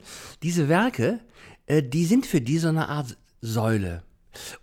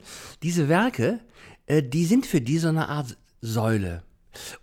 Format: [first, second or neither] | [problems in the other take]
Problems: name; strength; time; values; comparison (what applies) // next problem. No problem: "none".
neither | none